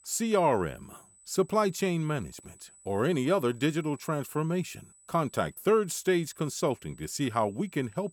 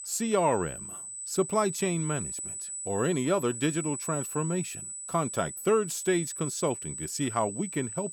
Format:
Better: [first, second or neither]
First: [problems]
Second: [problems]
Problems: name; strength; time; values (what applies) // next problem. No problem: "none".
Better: first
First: high-pitched whine; faint; throughout; 8 kHz, 25 dB below the speech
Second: high-pitched whine; loud; throughout; 8 kHz, 6 dB below the speech